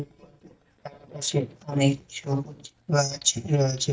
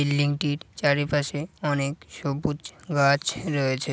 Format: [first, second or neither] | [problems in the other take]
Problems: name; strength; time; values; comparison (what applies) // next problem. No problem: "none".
second | noise reduction (neural mask model DeepFilterNet 3)